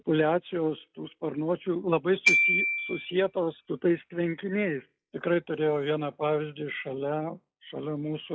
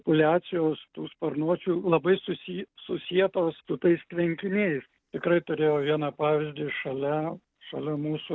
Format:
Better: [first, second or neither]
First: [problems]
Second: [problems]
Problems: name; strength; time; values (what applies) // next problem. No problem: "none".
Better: second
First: noise reduction (classical method log-MMSE)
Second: none